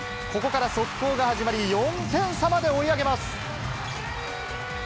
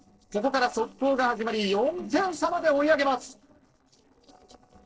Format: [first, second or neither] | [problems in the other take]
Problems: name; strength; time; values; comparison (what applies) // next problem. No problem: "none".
first | noise reduction (neural separator model SepFormer DNS4)